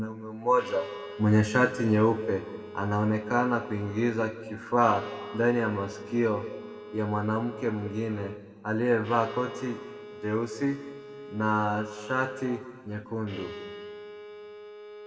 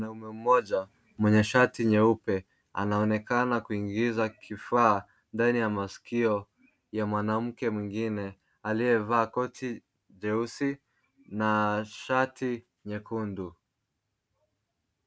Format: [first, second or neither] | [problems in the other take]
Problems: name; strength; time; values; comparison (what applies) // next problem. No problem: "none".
second | background sound (Bowed string instrument); 15 dB below the speech // room echo; dies away in 1.5 s